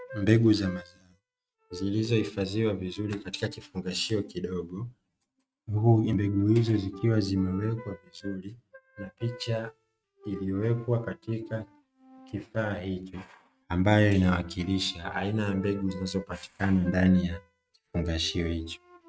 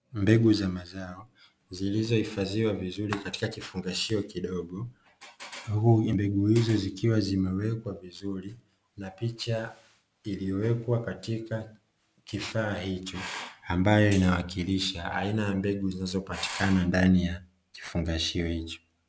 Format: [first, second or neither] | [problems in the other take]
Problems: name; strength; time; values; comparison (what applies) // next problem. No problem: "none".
second | noise reduction (neural mask model RNNoise)